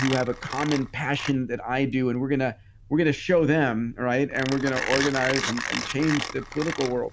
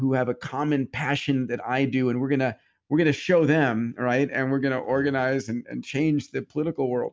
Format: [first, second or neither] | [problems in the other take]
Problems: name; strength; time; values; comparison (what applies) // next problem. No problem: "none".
second | background sound (Mechanisms); 9 dB below the speech